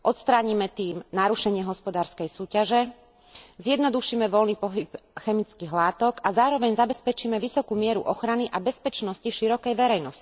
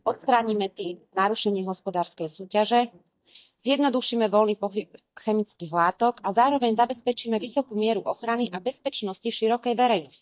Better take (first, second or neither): first